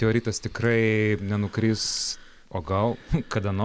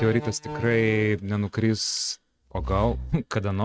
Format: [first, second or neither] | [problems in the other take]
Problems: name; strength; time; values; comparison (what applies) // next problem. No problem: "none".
first | noise reduction (neural mask model RNNoise)